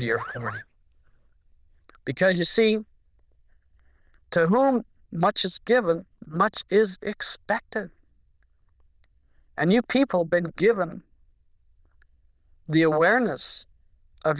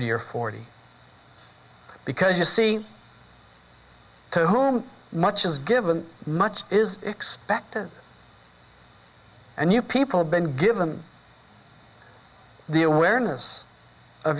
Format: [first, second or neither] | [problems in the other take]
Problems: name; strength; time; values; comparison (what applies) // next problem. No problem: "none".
second | noise reduction (neural diffusion model UNIVERSE++)